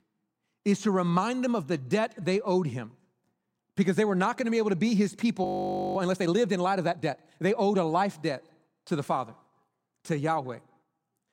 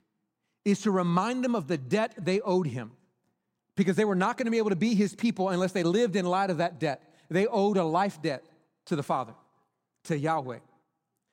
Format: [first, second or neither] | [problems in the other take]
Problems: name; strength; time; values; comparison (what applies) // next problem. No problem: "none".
second | audio freezing; at 5.5 s for 0.5 s